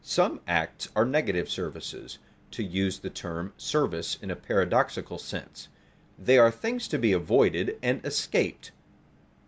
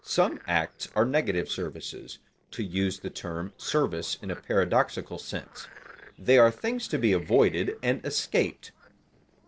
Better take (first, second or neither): first